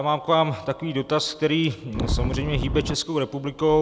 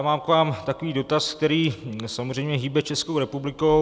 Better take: second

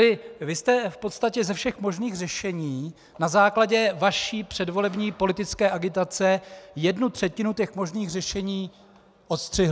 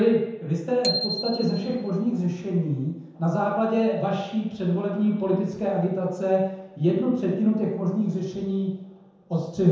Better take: first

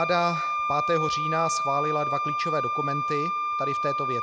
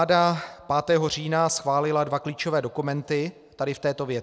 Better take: second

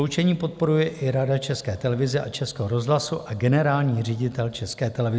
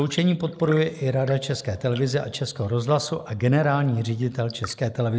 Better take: first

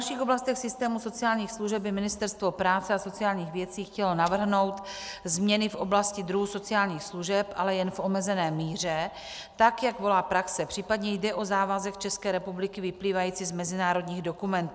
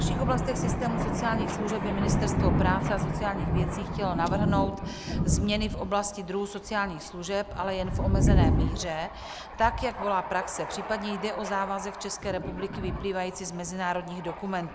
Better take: first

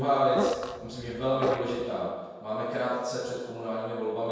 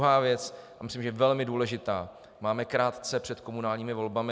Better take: second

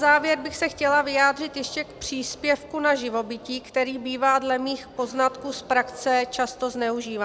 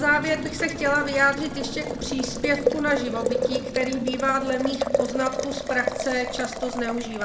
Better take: first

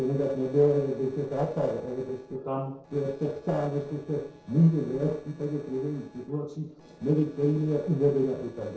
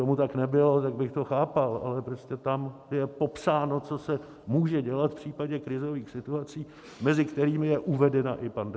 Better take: second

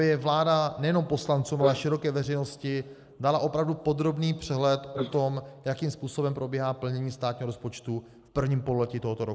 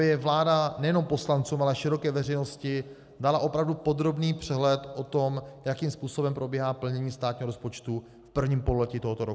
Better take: second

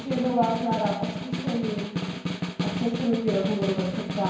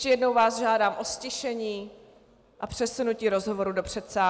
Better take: second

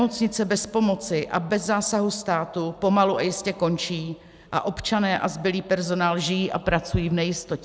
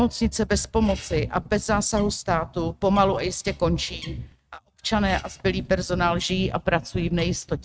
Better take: first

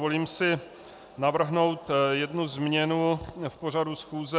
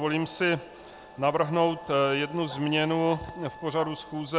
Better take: first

